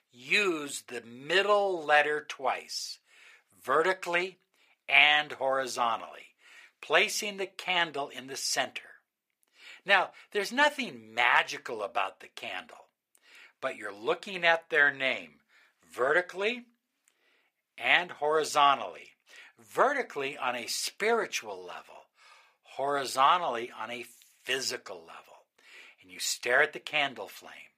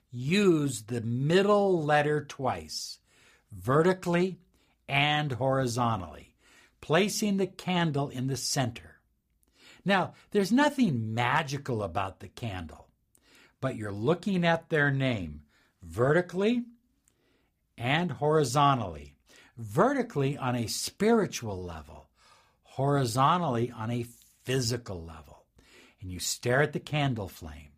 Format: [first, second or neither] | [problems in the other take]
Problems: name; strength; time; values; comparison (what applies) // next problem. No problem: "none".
second | thin; very; fading below 550 Hz